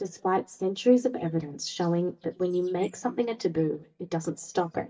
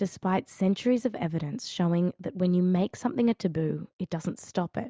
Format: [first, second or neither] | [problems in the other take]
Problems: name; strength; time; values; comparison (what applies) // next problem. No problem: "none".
second | noise reduction (neural mask model DeepFilterNet 3)